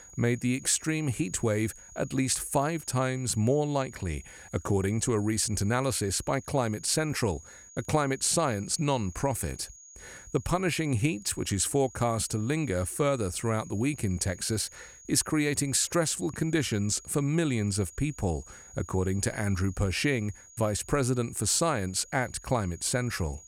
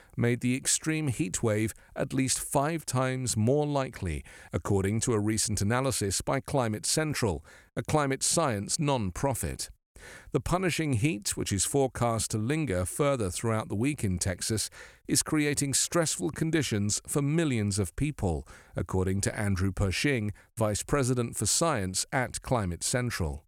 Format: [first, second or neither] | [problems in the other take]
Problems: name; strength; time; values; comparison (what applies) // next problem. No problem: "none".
second | high-pitched whine; faint; throughout; 6.5 kHz, 20 dB below the speech